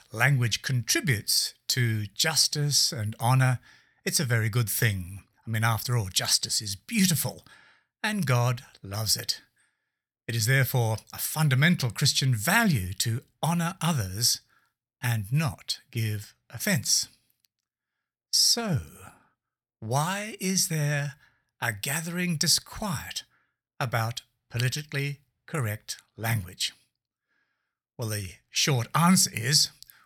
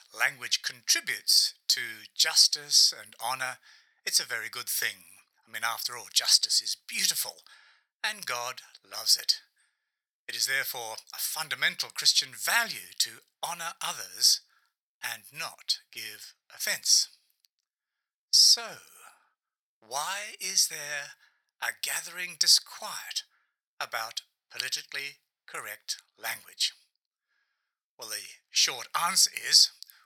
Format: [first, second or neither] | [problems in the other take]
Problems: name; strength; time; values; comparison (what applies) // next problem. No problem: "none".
first | thin; very; fading below 800 Hz